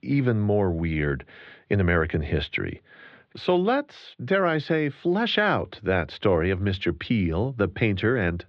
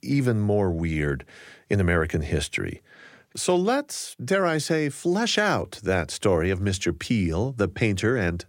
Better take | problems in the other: second | muffled; slightly; fading above 3.5 kHz

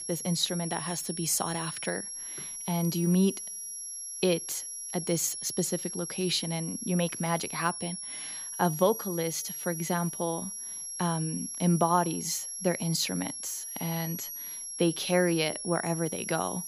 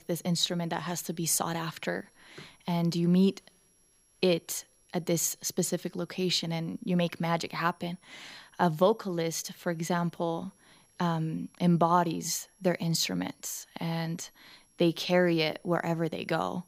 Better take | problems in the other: second | high-pitched whine; loud; throughout; 11 kHz, 6 dB below the speech; faint in the second

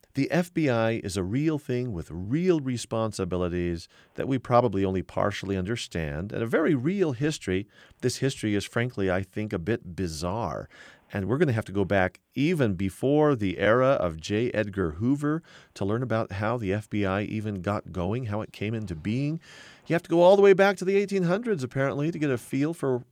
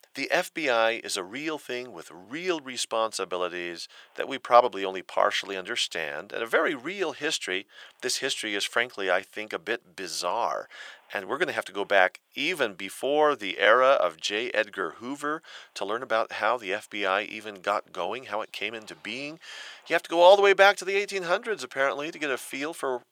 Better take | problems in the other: first | thin; very; fading below 750 Hz

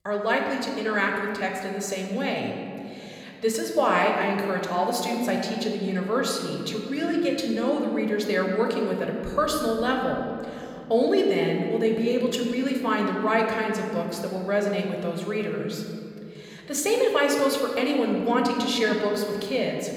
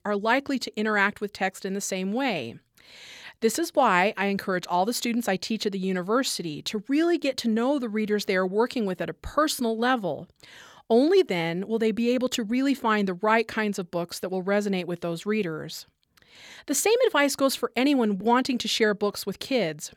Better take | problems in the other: second | room echo; noticeable; dies away in 2.3 s

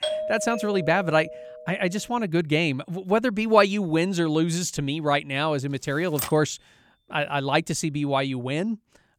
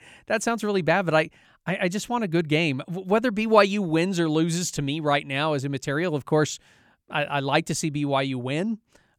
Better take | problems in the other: second | doorbell; noticeable; until 1.5 s; peak 3 dB below the speech // keyboard typing; noticeable; at 6 s; peak 7 dB below the speech

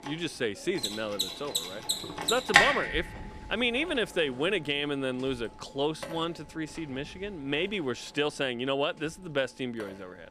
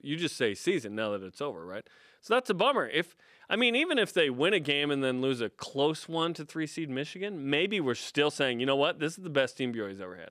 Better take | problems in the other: second | machinery noise; very loud; throughout; 3 dB above the speech

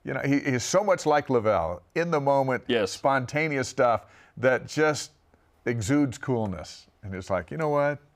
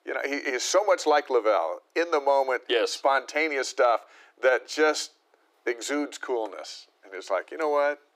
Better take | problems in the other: first | thin; somewhat; fading below 300 Hz

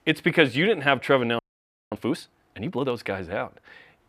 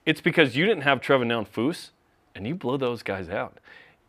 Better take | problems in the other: second | audio freezing; at 1.5 s for 0.5 s

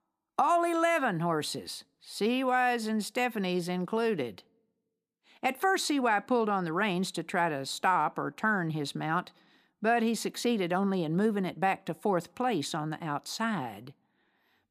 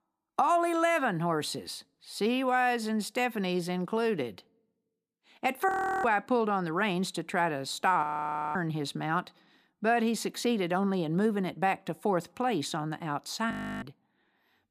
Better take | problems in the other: first | audio freezing; at 5.5 s, at 8 s for 0.5 s and at 14 s

